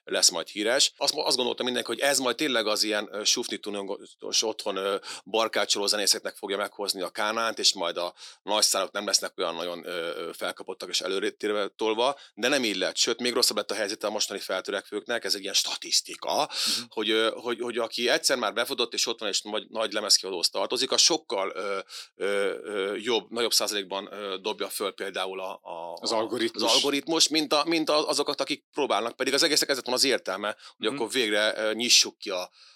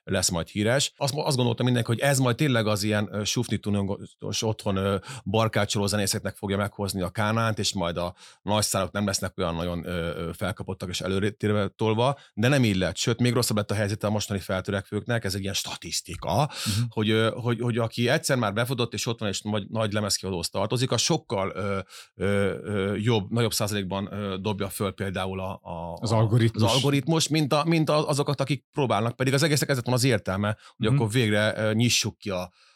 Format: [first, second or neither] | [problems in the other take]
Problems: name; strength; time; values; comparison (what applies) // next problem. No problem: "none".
second | thin; somewhat; fading below 300 Hz